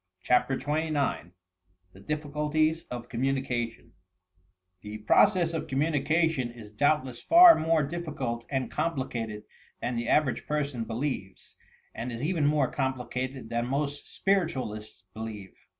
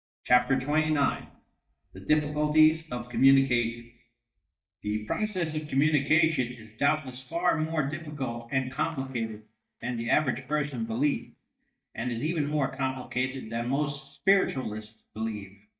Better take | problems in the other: first | noise reduction (neural mask model DeepFilterNet 3)

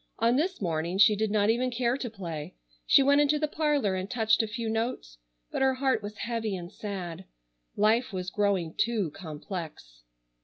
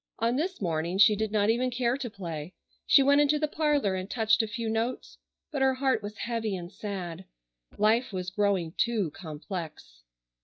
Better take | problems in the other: first | noise reduction (neural mask model DeepFilterNet 3)

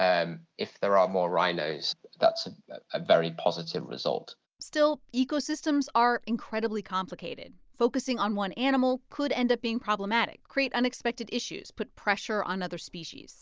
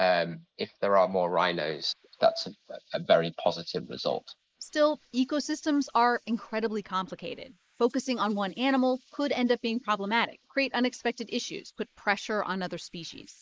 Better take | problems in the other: first | noise reduction (neural mask model Resemble Enhance denoiser)

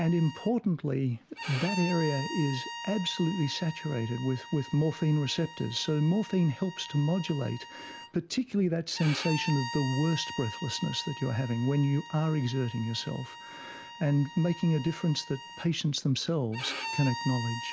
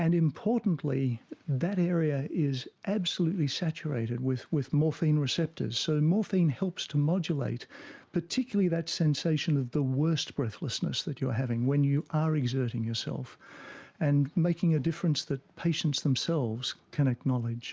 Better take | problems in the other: second | background sound (Bowed string instrument); 12 dB below the speech

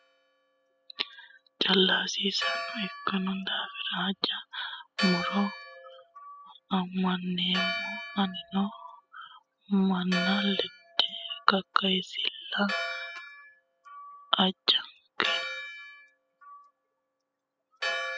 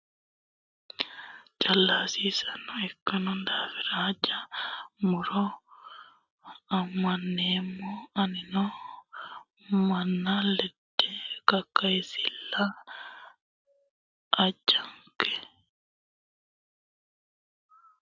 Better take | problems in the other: second | noise reduction (classical method spectral subtraction)

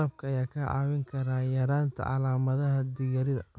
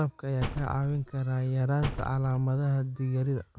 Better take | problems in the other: first | background sound (Slam); 10 dB below the speech

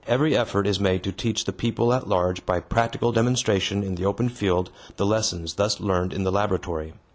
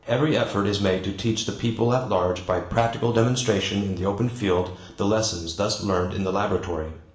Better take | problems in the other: first | room echo; dies away in 0.7 s

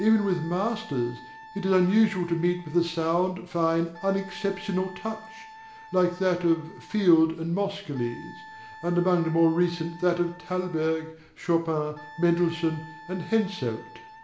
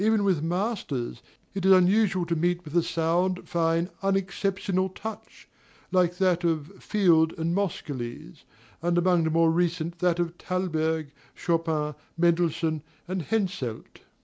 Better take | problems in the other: second | background sound (Wind instrument, woodwind instrument); 20 dB below the speech // room echo; dies away in 0.6 s

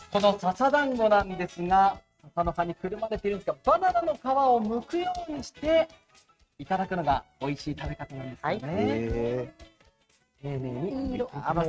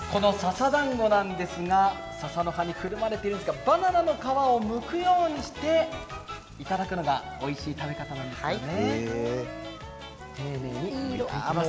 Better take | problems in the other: second | noise reduction (neural mask model RNNoise)

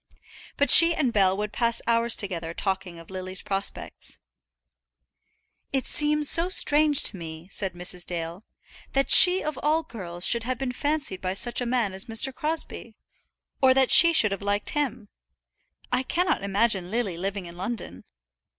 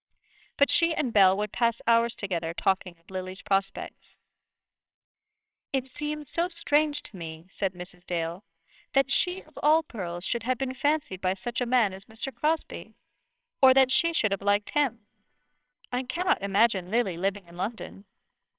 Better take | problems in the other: first | noise reduction (neural separator model SepFormer WHAMR!)

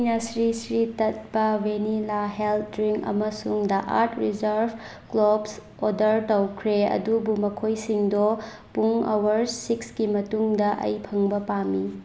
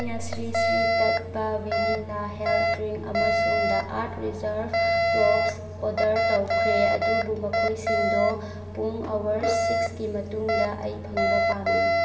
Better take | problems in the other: first | background sound (Alarm); 3 dB above the speech // room echo; dies away in 2.2 s

